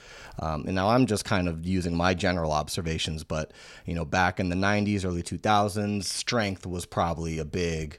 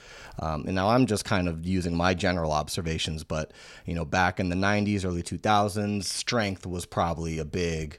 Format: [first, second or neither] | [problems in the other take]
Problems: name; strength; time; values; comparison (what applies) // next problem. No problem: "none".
neither | none